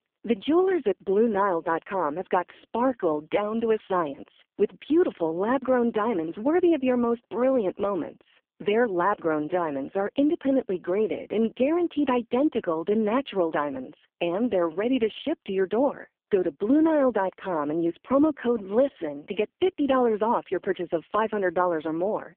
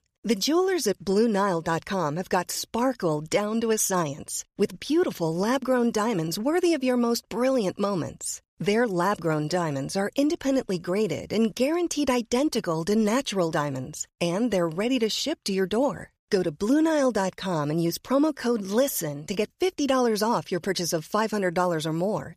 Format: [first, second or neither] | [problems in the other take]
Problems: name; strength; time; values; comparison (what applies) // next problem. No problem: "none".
second | phone-call audio; poor line